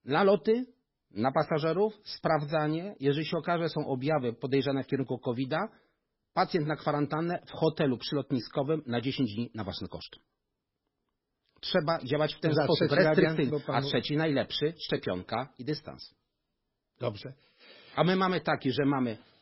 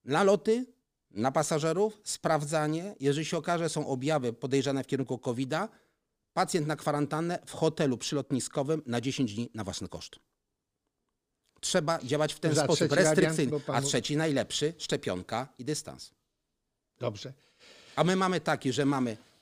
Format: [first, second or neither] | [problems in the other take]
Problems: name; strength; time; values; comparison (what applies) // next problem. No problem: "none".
second | garbled, watery; badly; nothing above 5.5 kHz